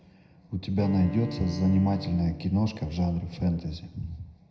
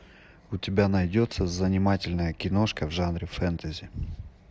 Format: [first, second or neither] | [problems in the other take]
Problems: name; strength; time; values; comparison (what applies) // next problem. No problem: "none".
second | background sound (Bowed string instrument); 12 dB below the speech // room echo; dies away in 0.8 s